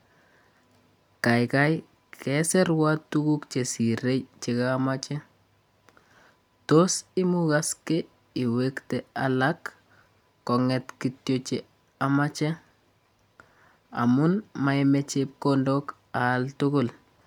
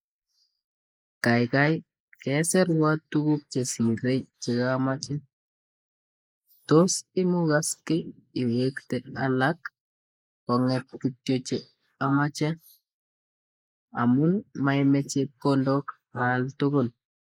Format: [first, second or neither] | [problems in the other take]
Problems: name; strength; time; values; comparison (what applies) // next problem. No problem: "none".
first | noise reduction (neural mask model Resemble Enhance denoiser)